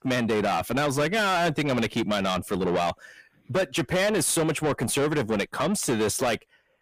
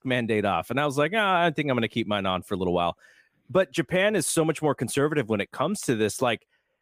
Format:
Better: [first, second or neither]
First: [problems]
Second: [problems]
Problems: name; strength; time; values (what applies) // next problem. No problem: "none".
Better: second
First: distortion; heavy; 7 dB below the speech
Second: none